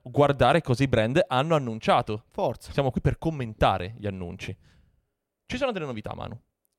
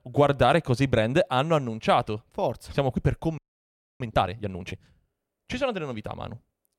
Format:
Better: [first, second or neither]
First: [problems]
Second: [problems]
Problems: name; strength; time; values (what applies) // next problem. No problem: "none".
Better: first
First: none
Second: audio freezing; at 3.5 s for 0.5 s